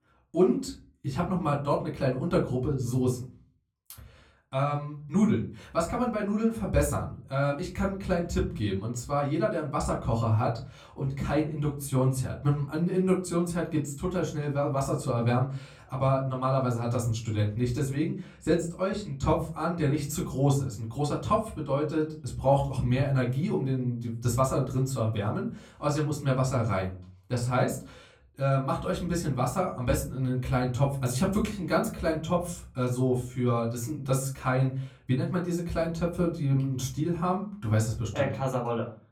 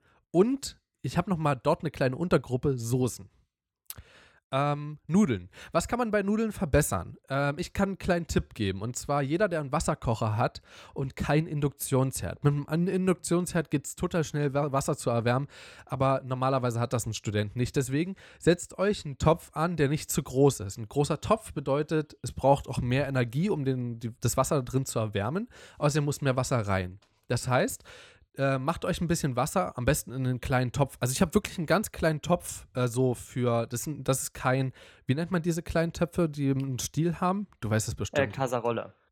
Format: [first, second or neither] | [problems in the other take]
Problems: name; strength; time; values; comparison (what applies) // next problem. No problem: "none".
second | off-mic speech; far // room echo; very slight; dies away in 0.4 s